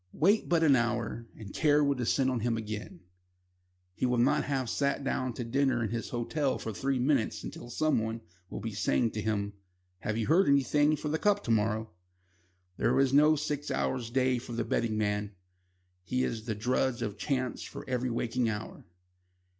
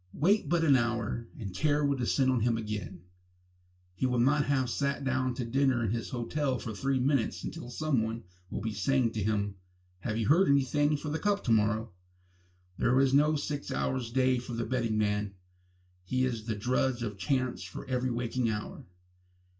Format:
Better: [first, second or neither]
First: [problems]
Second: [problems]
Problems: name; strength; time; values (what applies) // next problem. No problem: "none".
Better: first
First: none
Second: room echo; dies away in 0.1 s